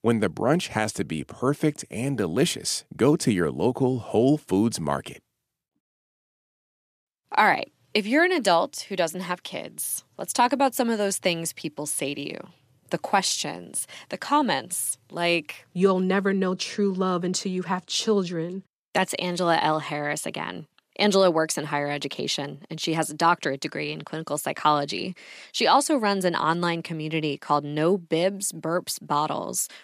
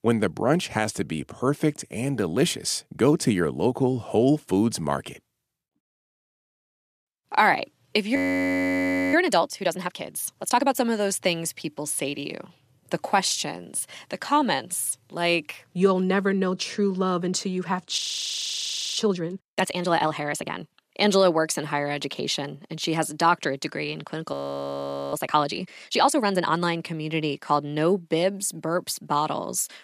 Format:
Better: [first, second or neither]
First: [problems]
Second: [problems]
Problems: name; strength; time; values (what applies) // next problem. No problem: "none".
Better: first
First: none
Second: audio freezing; at 8 s for 1 s, at 18 s for 1 s and at 24 s for 1 s